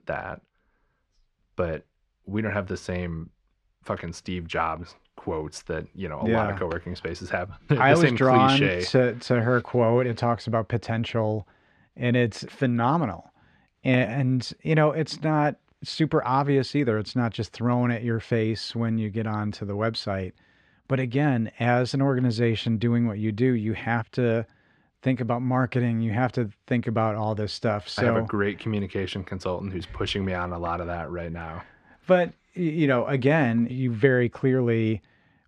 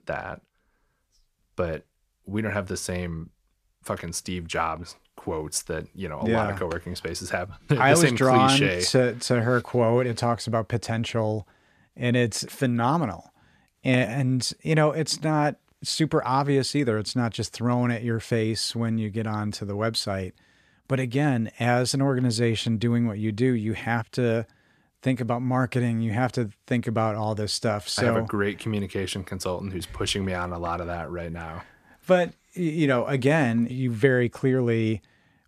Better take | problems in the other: second | muffled; very slightly; fading above 3.5 kHz

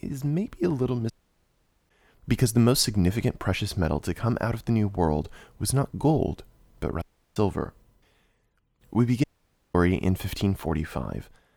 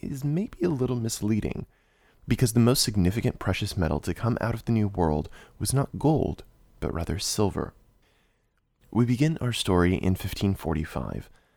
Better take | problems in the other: second | audio cutting out; at 1 s for 1 s, at 7 s and at 9 s for 0.5 s

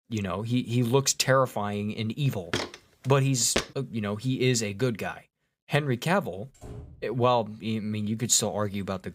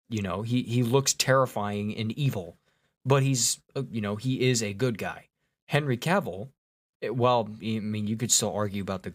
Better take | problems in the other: second | footsteps; noticeable; from 2.5 to 3.5 s; peak 4 dB below the speech // door banging; faint; at 6.5 s; peak 15 dB below the speech

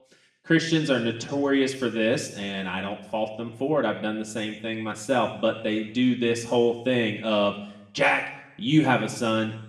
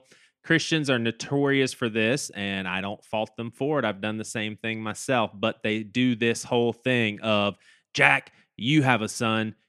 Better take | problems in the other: second | room echo; slight; dies away in 0.7 s // off-mic speech; somewhat distant

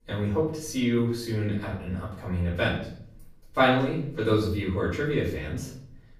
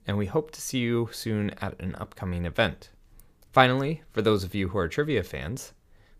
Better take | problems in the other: second | off-mic speech; far // room echo; noticeable; dies away in 0.6 s

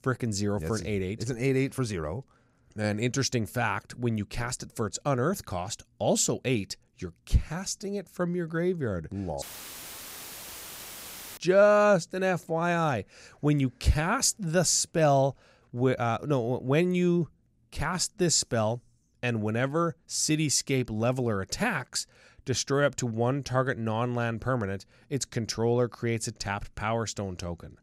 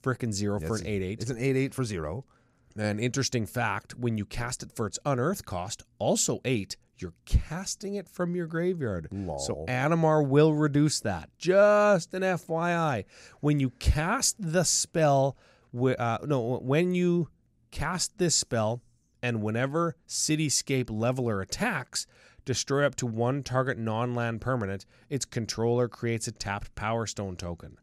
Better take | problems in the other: second | audio cutting out; filled with static; at 9.5 s for 2 s

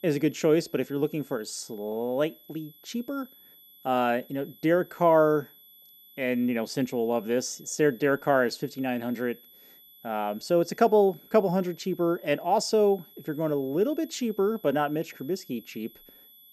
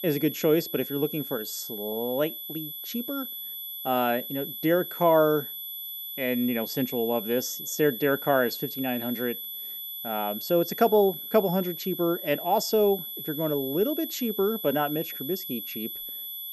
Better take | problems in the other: first | high-pitched whine; loud; throughout; 12 kHz, 7 dB below the speech; faint in the first

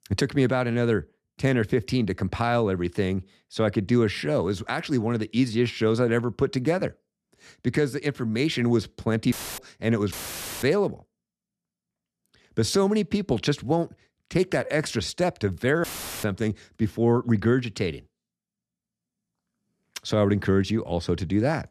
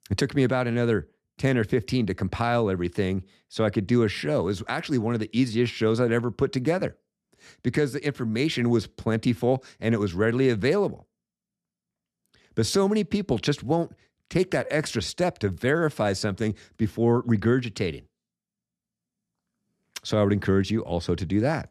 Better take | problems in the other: second | audio cutting out; filled with static; at 9.5 s, at 10 s for 0.5 s and at 16 s

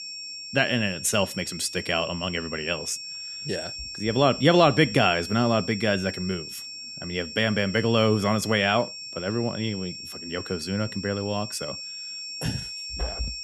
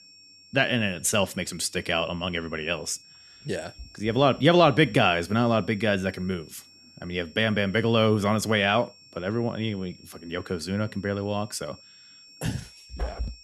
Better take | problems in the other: second | high-pitched whine; loud; throughout; 5.5 kHz, 9 dB below the speech; faint in the second

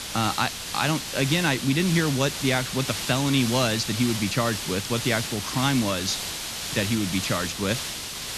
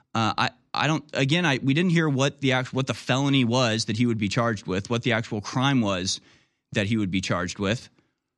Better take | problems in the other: second | hiss; loud; throughout; 4 dB below the speech

